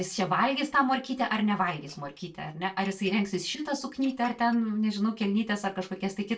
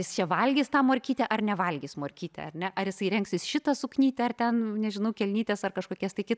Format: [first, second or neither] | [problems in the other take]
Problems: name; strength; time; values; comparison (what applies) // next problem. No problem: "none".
second | noise reduction (neural separator model SepFormer DNS4)